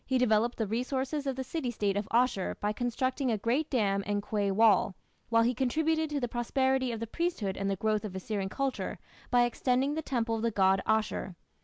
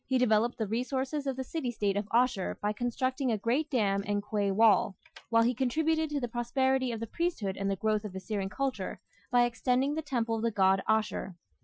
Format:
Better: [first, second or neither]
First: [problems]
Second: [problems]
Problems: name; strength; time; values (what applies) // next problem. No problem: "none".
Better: first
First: none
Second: noise reduction (classical method Wiener filter)